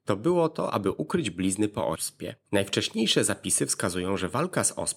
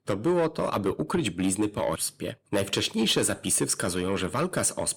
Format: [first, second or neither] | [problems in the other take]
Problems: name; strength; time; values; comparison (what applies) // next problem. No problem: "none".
first | distortion; slight; 10 dB below the speech